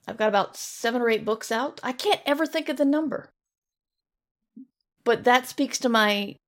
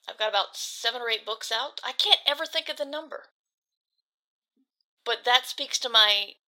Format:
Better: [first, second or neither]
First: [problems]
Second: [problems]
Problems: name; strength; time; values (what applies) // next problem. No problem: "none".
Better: first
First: none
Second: thin; very; fading below 600 Hz